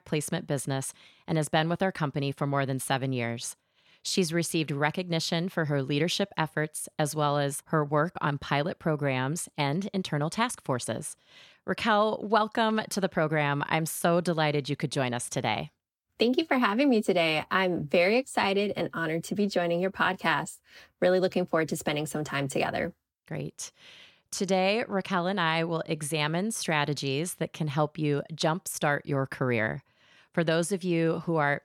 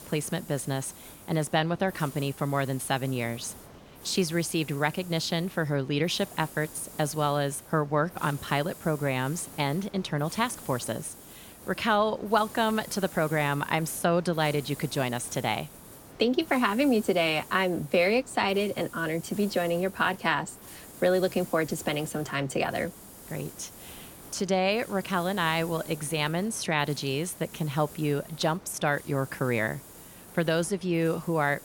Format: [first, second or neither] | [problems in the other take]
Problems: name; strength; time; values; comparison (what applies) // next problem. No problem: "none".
first | hiss; noticeable; throughout; 15 dB below the speech